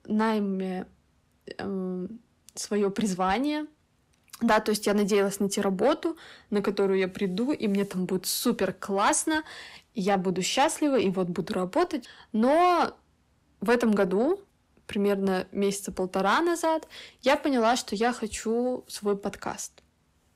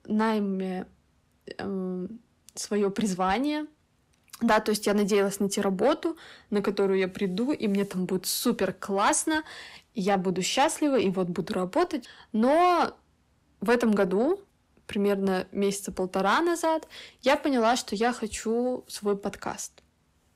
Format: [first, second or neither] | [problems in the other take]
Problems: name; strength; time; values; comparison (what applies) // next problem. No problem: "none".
neither | distortion; slight; 10 dB below the speech; the same in both